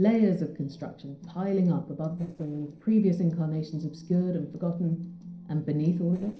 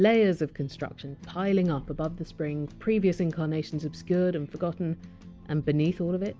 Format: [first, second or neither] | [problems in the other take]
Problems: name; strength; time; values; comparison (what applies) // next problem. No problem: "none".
second | noise reduction (neural separator model SepFormer DNS4)